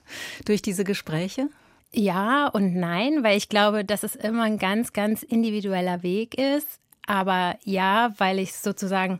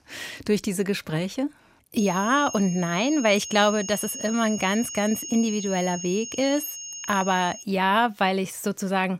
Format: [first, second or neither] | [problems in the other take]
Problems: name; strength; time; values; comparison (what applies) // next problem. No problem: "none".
first | high-pitched whine; loud; from 2 to 7.5 s; 6.5 kHz, 9 dB below the speech